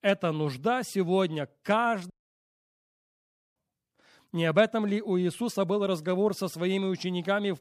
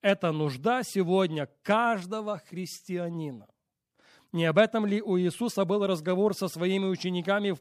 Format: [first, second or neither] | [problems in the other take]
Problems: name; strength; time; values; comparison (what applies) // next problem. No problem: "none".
second | audio cutting out; at 2 s for 1.5 s